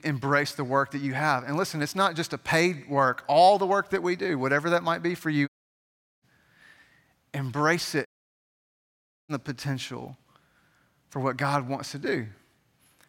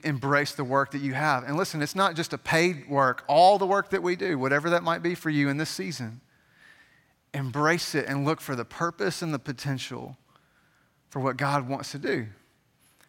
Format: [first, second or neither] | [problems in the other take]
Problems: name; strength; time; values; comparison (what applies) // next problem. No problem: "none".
second | audio cutting out; at 5.5 s for 0.5 s and at 8 s for 1 s